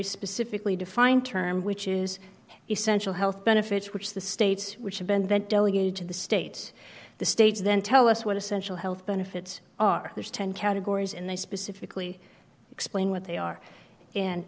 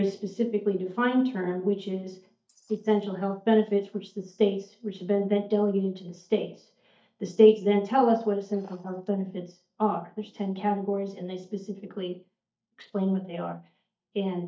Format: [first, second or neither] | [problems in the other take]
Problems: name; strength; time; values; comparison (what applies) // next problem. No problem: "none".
first | noise reduction (neural mask model DeepFilterNet 3)